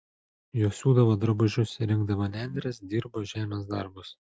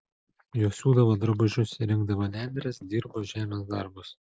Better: first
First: none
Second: noise reduction (neural mask model Resemble Enhance denoiser)

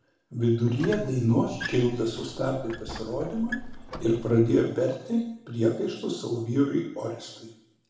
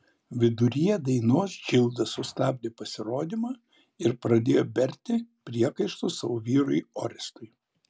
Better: second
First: background sound (Squeak); 12 dB below the speech // room echo; dies away in 0.8 s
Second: none

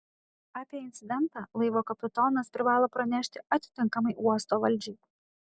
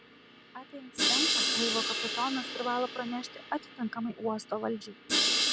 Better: first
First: none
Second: background sound (Crash cymbal); 3 dB above the speech

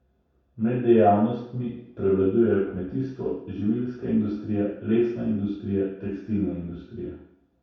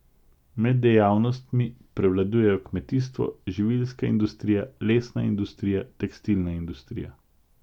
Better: second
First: room echo; dies away in 0.7 s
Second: none

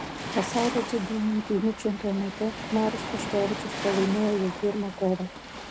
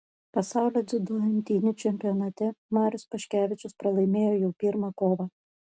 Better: second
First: background sound (Waves, surf); 7 dB below the speech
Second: none

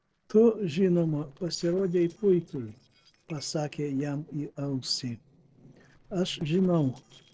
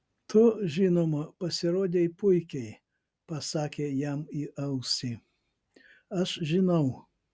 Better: second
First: noise reduction (neural separator model SepFormer DNS4)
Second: none

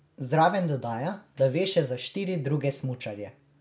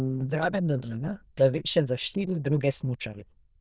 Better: first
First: none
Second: noise reduction (neural diffusion model UNIVERSE++)

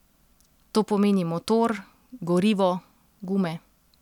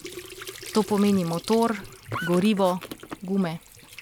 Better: first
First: none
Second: background sound (Squeak / Trickle, dribble / Sink (filling or washing)); 13 dB below the speech

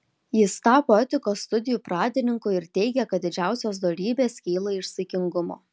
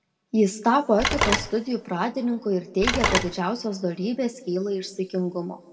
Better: first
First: none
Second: background sound (Telephone); 2 dB below the speech // room echo; dies away in 1.4 s

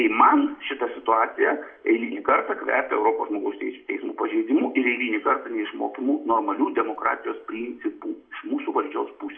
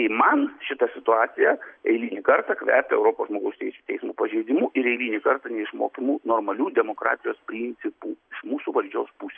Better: second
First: room echo; dies away in 0.3 s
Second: none

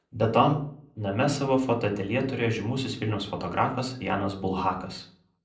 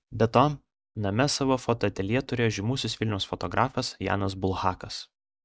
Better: second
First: room echo; dies away in 0.6 s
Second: none

